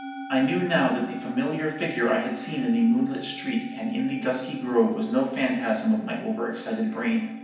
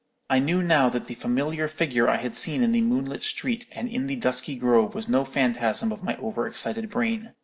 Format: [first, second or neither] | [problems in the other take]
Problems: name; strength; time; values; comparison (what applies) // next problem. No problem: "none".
second | background sound (Musical instrument); 14 dB below the speech // room echo; dies away in 0.9 s